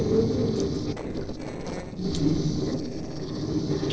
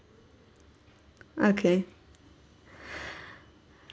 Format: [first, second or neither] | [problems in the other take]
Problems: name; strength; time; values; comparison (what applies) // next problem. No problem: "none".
second | noise reduction (neural separator model SepFormer DNS4)